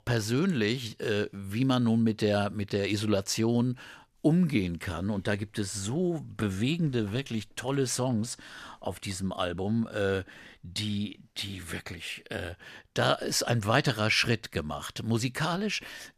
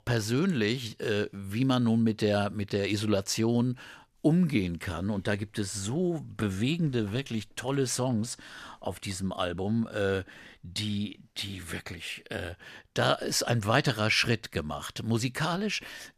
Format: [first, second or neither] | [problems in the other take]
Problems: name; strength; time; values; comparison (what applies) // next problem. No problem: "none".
neither | none